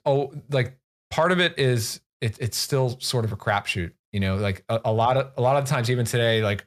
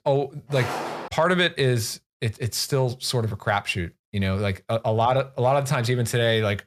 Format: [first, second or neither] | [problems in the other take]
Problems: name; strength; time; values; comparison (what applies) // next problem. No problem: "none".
first | footsteps; noticeable; at 0.5 s; peak 6 dB below the speech